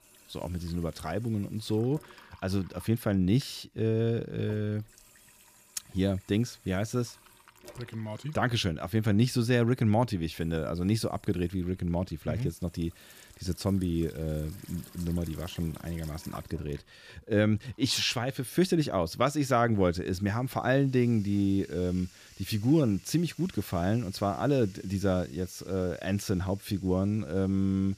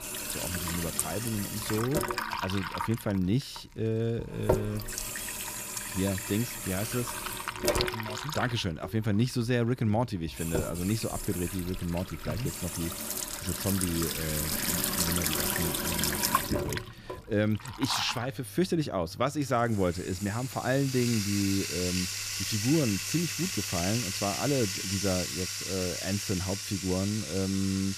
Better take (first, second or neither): first